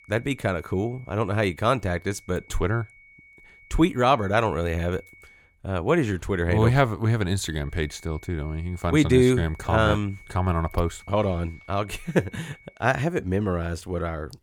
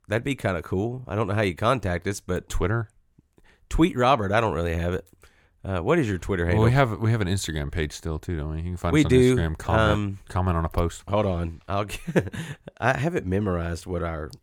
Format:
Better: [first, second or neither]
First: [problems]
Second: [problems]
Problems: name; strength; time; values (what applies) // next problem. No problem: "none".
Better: second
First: high-pitched whine; faint; until 5.5 s and from 7.5 to 13 s; 2 kHz, 25 dB below the speech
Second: none